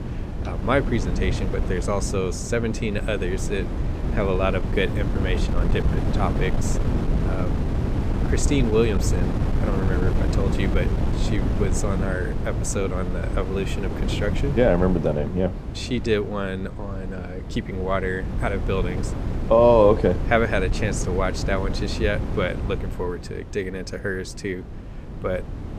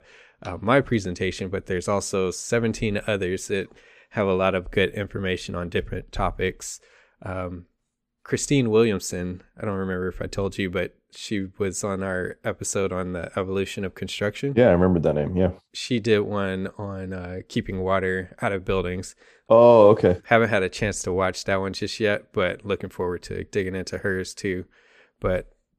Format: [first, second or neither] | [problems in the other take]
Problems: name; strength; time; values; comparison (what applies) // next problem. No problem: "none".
second | wind noise on the microphone; heavy; 9 dB below the speech